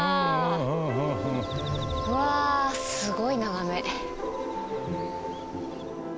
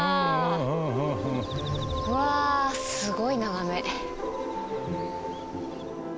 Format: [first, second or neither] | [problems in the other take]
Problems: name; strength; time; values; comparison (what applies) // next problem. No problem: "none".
second | background sound (Wind instrument, woodwind instrument); 15 dB below the speech